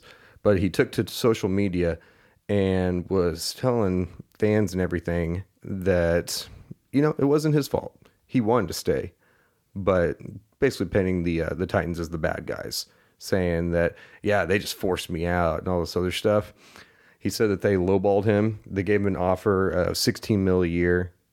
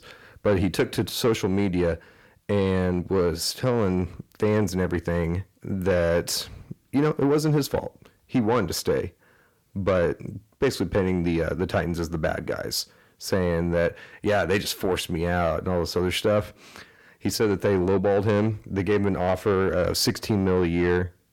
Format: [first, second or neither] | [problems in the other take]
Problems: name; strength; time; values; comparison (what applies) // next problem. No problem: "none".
first | distortion; slight; 10 dB below the speech